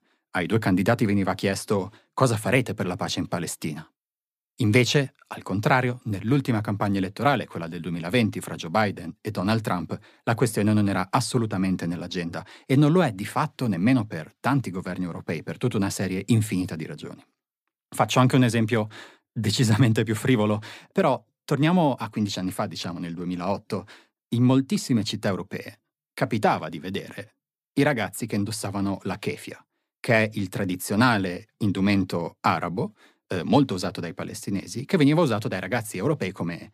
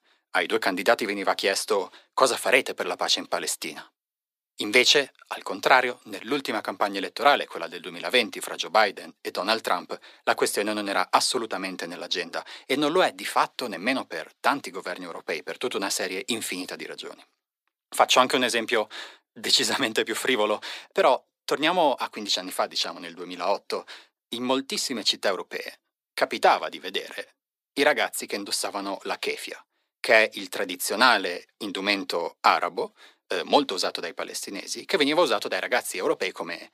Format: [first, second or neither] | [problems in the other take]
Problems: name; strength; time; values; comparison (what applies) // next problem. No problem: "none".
first | thin; very; fading below 400 Hz